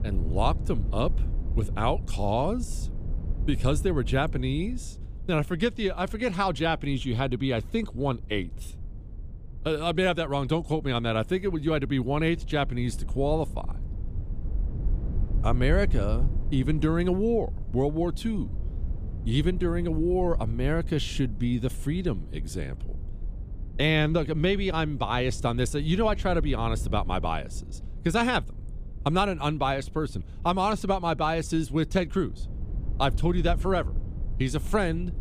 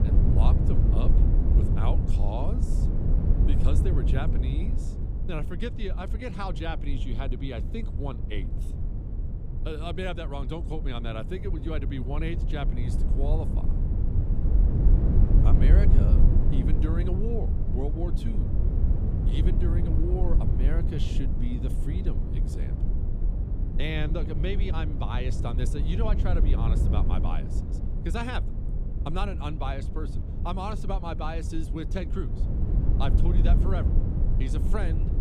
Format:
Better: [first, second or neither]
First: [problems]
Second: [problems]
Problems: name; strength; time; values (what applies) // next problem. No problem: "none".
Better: first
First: low rumble; faint; throughout; 20 dB below the speech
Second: low rumble; loud; throughout; 4 dB below the speech